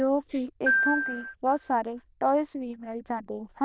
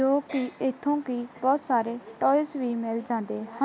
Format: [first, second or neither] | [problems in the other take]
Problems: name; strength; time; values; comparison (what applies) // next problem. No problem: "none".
second | noise reduction (neural diffusion model UNIVERSE++)